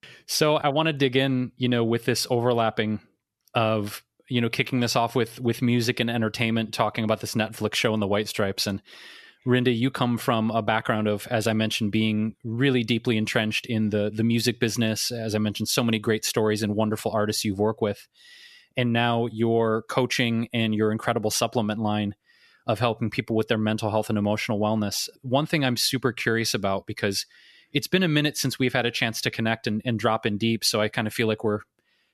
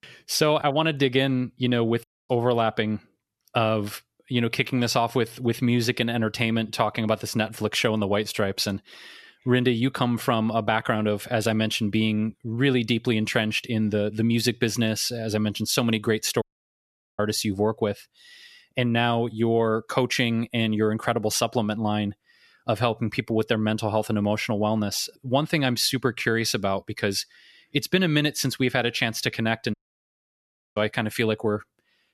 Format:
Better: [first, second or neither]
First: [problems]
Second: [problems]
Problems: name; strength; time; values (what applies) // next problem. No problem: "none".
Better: first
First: none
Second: audio cutting out; at 2 s, at 16 s for 1 s and at 30 s for 1 s